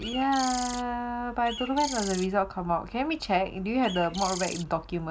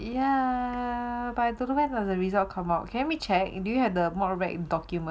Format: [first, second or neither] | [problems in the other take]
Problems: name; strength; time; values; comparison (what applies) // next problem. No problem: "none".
second | background sound (Bird); 9 dB below the speech